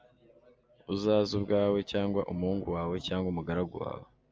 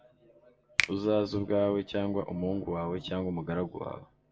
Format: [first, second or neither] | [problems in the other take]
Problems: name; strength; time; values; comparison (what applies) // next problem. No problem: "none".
first | background sound (Finger snapping); 6 dB below the speech // room echo; dies away in 0.2 s